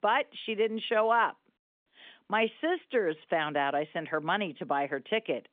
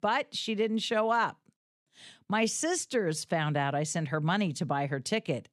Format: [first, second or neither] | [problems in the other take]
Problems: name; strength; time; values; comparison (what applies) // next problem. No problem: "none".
second | phone-call audio; nothing above 3 kHz